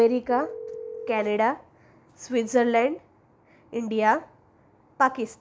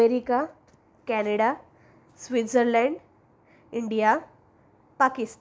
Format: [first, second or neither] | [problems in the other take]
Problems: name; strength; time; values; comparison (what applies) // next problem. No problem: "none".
second | background sound (Telephone); 10 dB below the speech